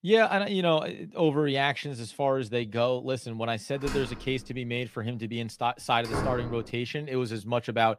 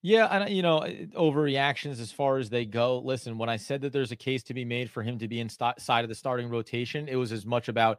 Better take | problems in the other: second | door banging; noticeable; from 4 to 6.5 s; peak 3 dB below the speech

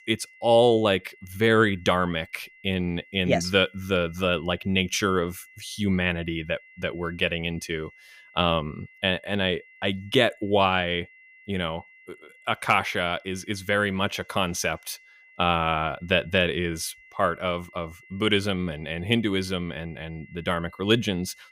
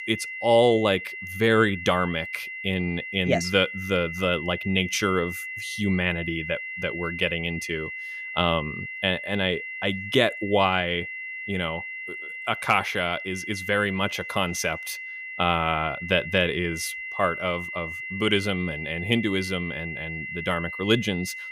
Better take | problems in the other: first | high-pitched whine; loud; throughout; 2 kHz, 8 dB below the speech; faint in the first

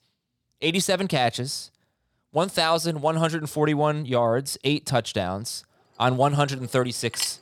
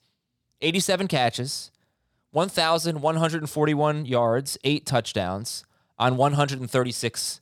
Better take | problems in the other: second | household noises; noticeable; from 6 s on; 15 dB below the speech

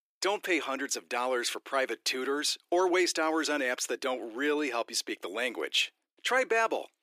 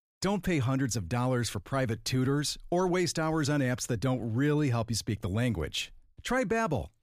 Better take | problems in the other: second | thin; very; fading below 350 Hz

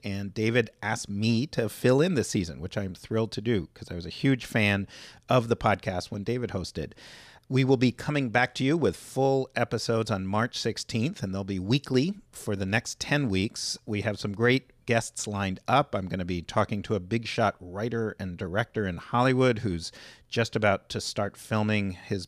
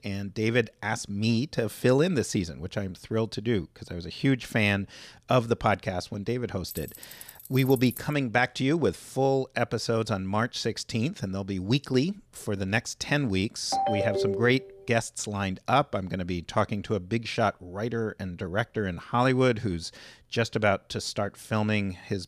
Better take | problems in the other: first | jangling keys; faint; from 6.5 to 8 s; peak 10 dB below the speech // phone ringing; loud; at 14 s; peak level with the speech

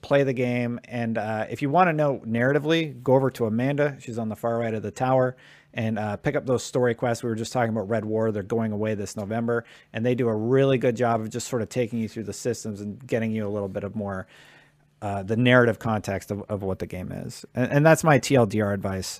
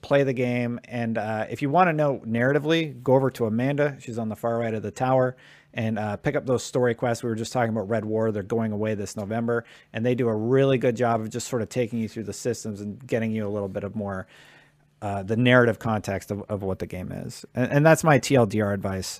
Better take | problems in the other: neither | none

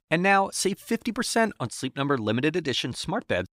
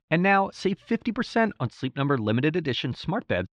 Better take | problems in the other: first | muffled; slightly; fading above 3.5 kHz

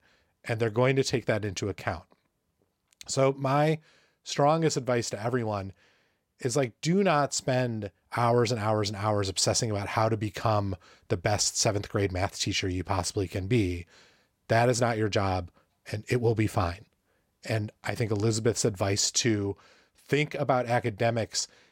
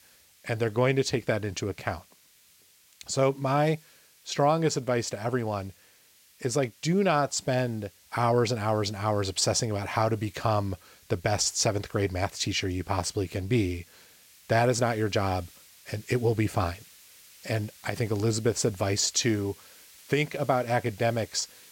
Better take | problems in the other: first | hiss; faint; throughout; 25 dB below the speech

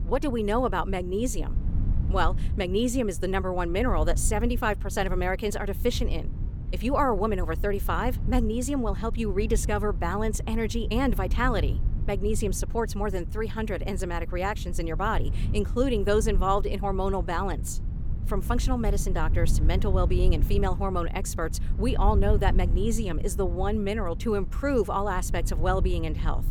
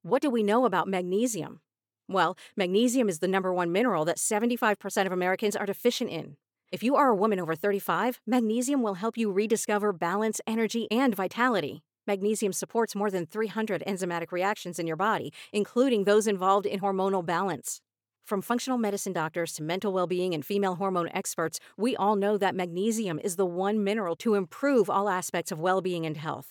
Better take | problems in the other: second | low rumble; noticeable; throughout; 15 dB below the speech

